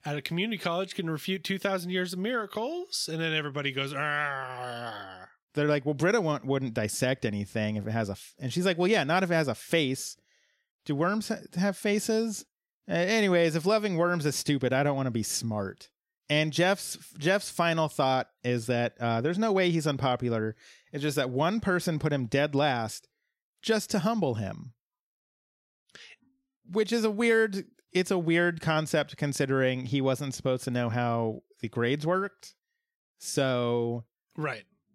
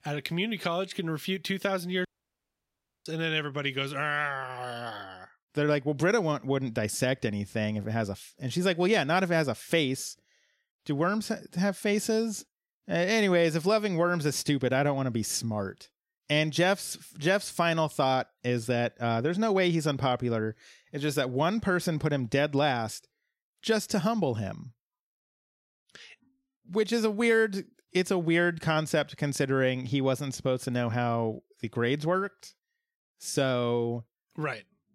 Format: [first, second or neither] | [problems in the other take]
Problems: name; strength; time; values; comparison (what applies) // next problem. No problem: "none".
first | audio cutting out; at 2 s for 1 s